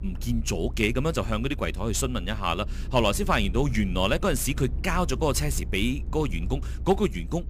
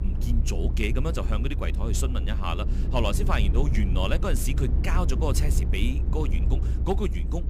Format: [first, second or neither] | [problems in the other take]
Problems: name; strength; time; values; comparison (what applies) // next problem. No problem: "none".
first | low rumble; loud; throughout; 10 dB below the speech; faint in the first